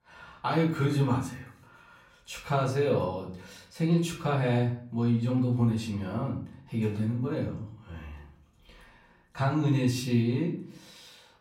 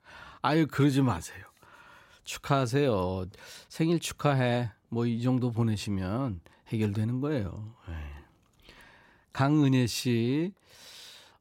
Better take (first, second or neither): second